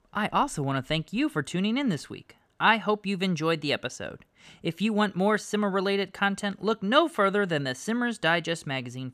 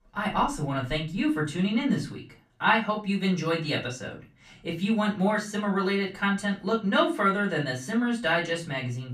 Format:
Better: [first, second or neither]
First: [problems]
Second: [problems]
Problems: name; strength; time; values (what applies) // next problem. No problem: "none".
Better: first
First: none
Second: off-mic speech; far // room echo; very slight; dies away in 0.3 s